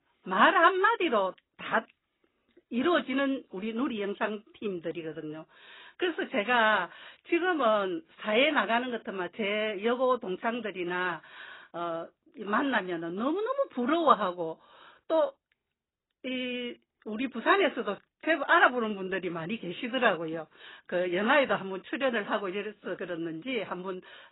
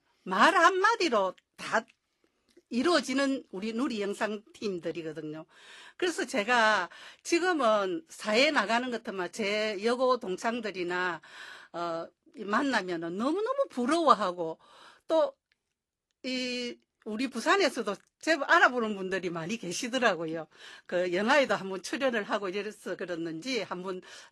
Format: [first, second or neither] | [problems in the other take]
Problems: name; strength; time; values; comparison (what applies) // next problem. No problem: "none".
second | garbled, watery; badly; nothing above 4 kHz; slightly in the second